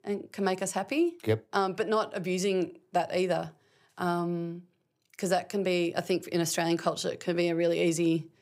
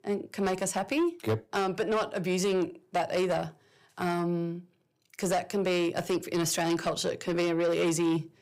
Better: first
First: none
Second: distortion; slight; 10 dB below the speech

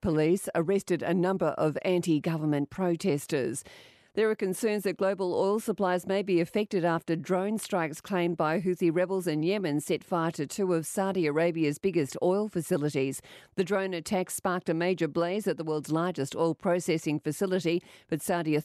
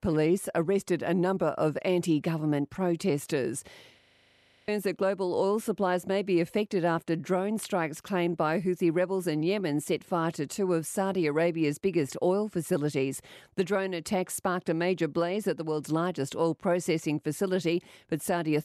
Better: first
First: none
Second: audio freezing; at 4 s for 0.5 s

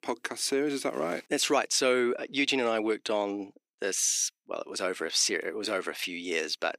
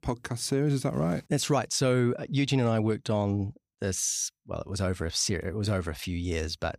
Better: second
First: thin; somewhat; fading below 300 Hz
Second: none

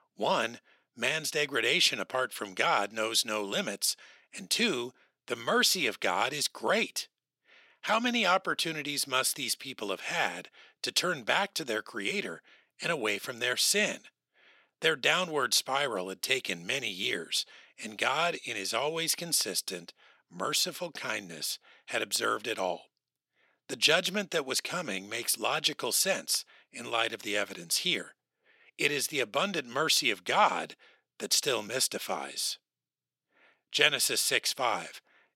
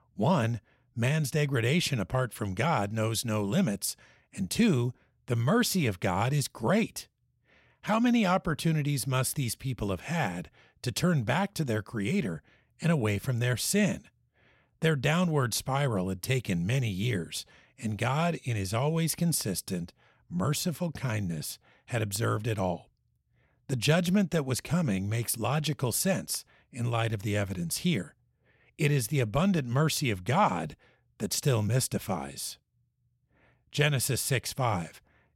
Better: second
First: thin; very; fading below 300 Hz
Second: none

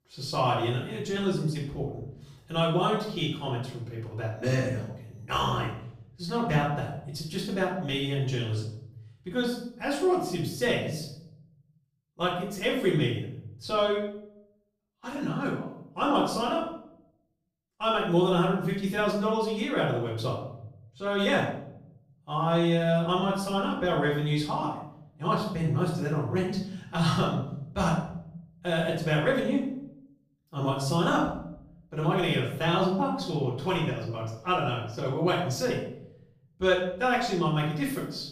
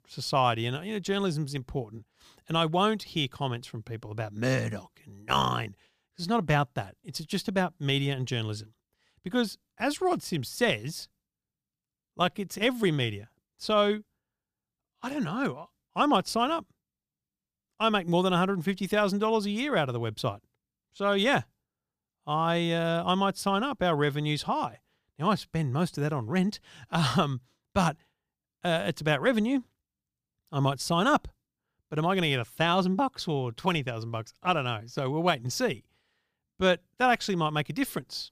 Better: second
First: off-mic speech; far // room echo; noticeable; dies away in 0.7 s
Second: none

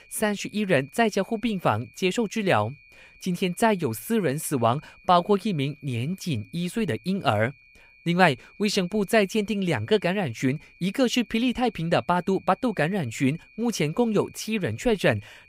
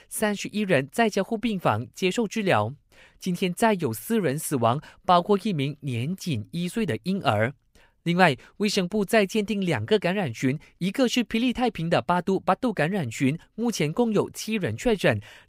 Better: second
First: high-pitched whine; faint; throughout; 2.5 kHz, 25 dB below the speech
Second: none

